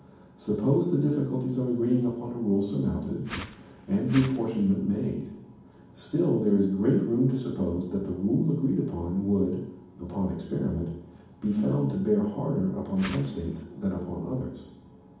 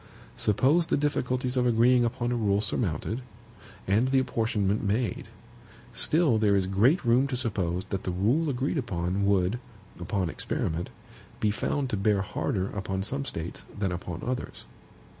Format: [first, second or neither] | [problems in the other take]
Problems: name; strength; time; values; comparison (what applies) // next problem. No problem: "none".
second | background sound (Whoosh, swoosh, swish); 12 dB below the speech // room echo; dies away in 1.2 s